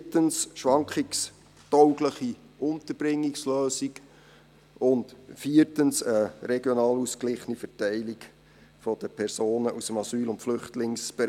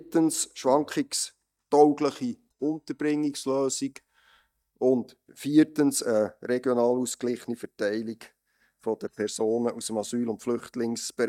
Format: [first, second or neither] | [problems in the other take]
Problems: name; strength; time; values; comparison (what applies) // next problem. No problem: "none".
first | noise reduction (neural mask model DeepFilterNet 3)